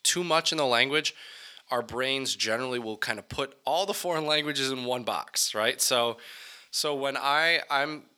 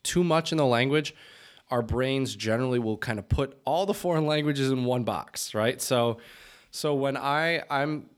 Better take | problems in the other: second | thin; somewhat; fading below 1 kHz

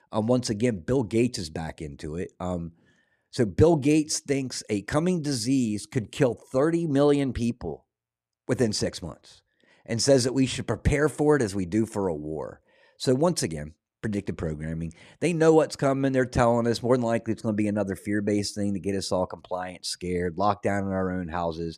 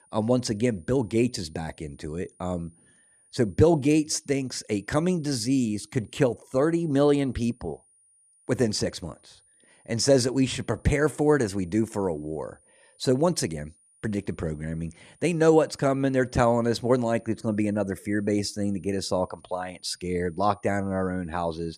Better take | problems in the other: first | high-pitched whine; faint; throughout; 9.5 kHz, 35 dB below the speech

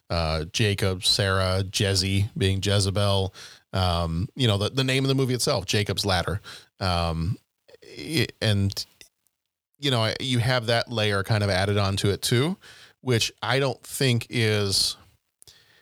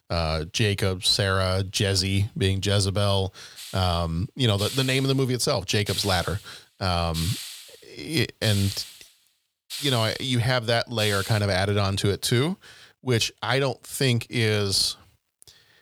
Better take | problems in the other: first | hiss; noticeable; from 3.5 to 11 s; 10 dB below the speech

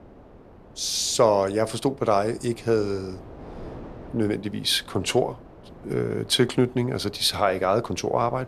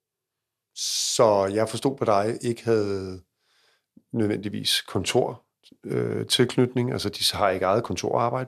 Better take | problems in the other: second | wind noise on the microphone; occasional gusts; 25 dB below the speech

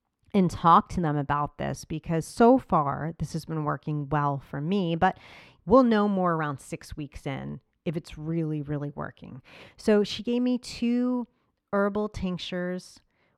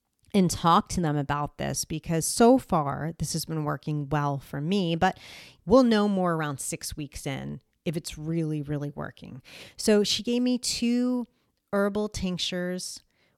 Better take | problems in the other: second | muffled; slightly; fading above 4 kHz

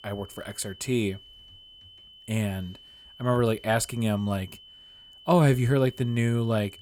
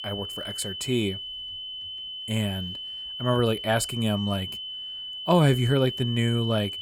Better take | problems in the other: first | high-pitched whine; loud; throughout; 3 kHz, 7 dB below the speech; faint in the first

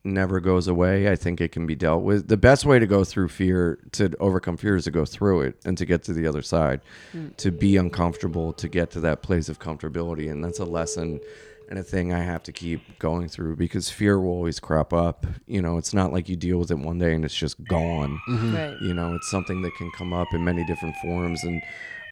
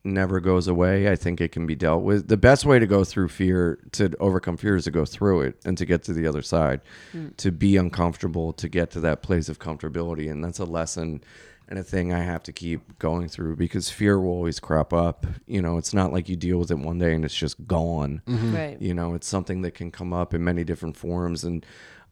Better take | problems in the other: second | phone ringing; faint; from 7 to 13 s; peak 10 dB below the speech // siren; faint; from 18 s on; peak 10 dB below the speech

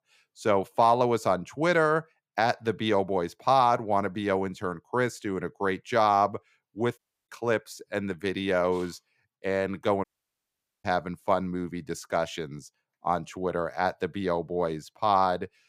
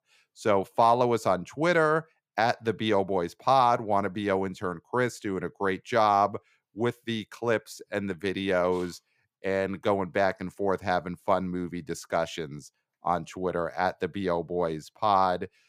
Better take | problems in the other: second | audio cutting out; at 7 s and at 10 s for 1 s

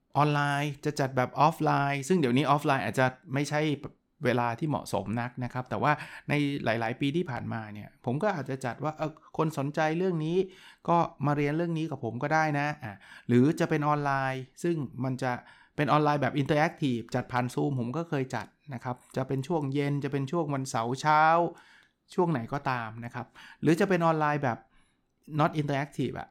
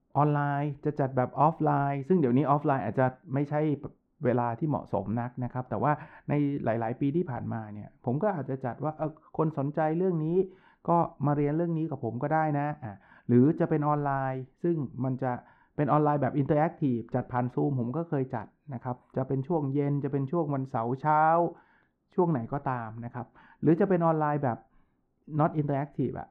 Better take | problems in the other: first | muffled; very; fading above 3 kHz

